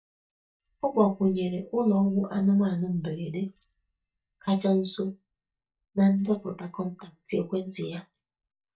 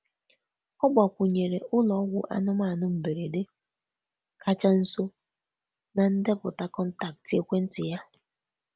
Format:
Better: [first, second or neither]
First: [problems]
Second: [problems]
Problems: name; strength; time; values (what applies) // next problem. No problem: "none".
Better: second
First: noise reduction (neural mask model DeepFilterNet 3)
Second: none